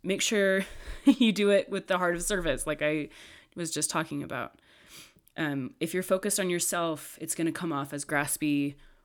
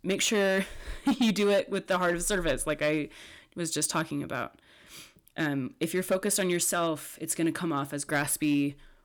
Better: first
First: none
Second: distortion; slight; 4% of the sound clipped

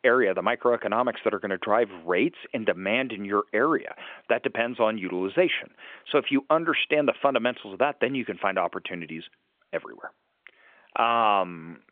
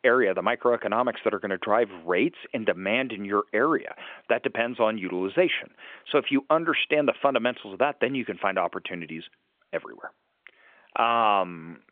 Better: neither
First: phone-call audio; nothing above 3.5 kHz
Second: phone-call audio; nothing above 3.5 kHz

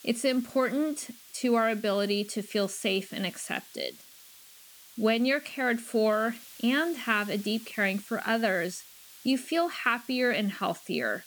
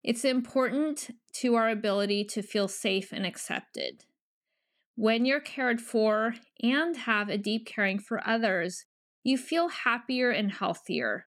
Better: second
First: hiss; noticeable; throughout; 20 dB below the speech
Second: none

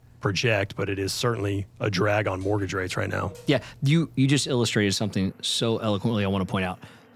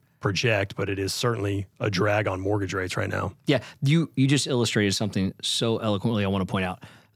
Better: second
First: animal sounds; faint; throughout; 25 dB below the speech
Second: none

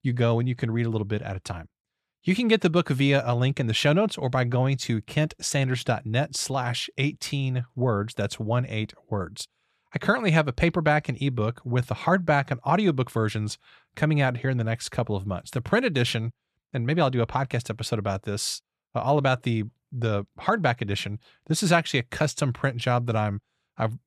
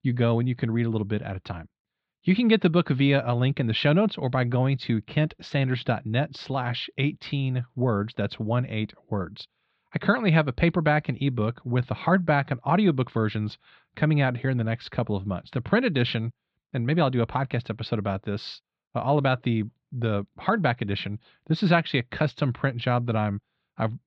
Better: first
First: none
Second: muffled; slightly; fading above 4 kHz

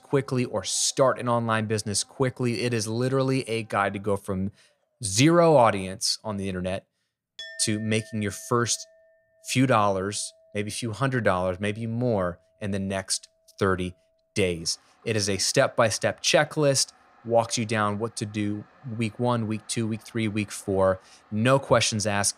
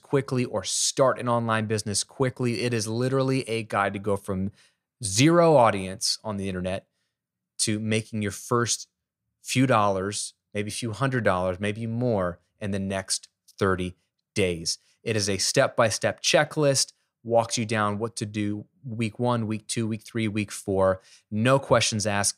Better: second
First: household noises; faint; throughout; 25 dB below the speech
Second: none

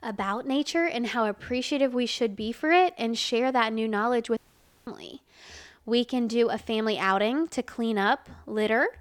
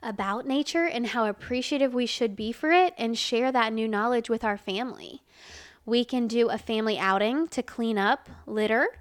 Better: second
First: audio cutting out; at 4.5 s for 0.5 s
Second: none

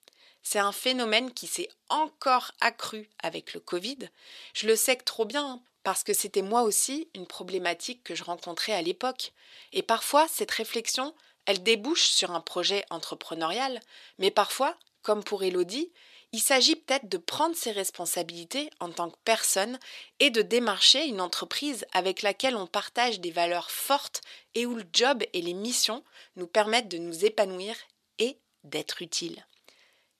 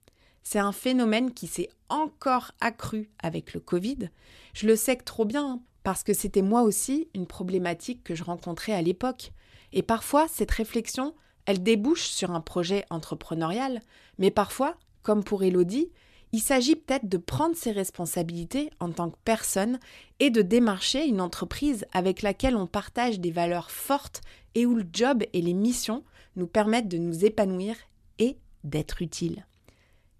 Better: second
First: thin; somewhat; fading below 450 Hz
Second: none

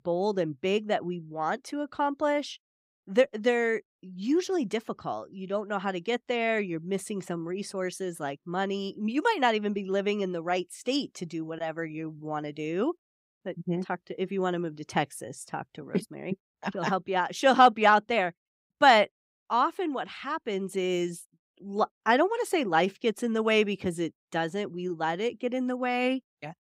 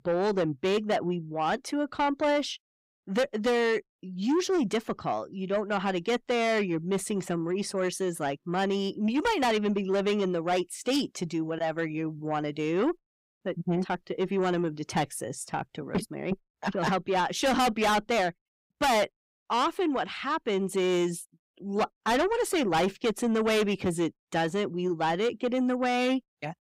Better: first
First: none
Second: distortion; heavy; 6 dB below the speech

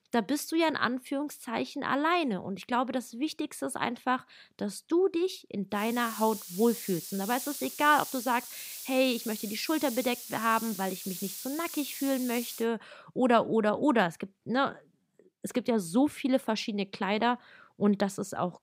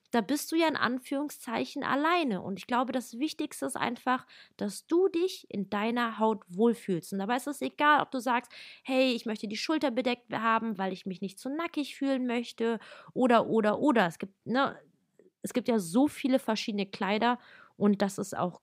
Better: second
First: hiss; loud; from 6 to 13 s; 9 dB below the speech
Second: none

